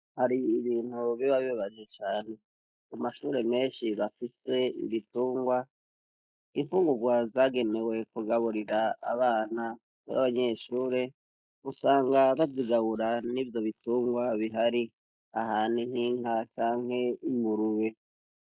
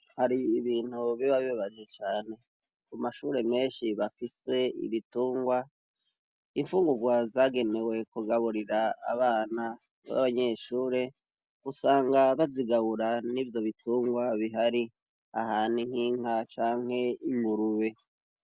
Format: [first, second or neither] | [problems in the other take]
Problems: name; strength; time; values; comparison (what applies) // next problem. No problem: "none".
second | noise reduction (neural mask model Resemble Enhance denoiser)